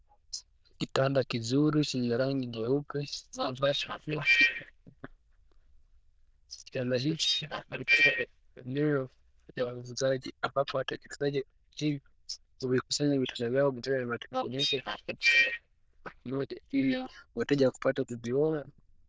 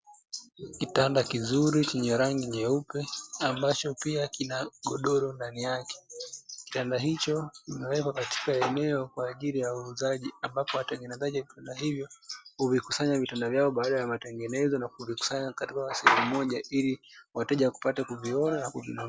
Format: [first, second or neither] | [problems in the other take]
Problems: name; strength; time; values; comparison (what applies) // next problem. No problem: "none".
second | noise reduction (neural diffusion model UNIVERSE++)